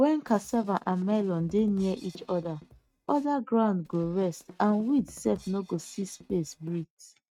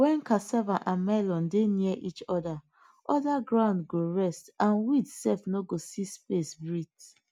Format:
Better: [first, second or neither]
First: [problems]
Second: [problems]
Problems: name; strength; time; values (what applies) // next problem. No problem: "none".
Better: second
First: noise reduction (neural mask model RNNoise)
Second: none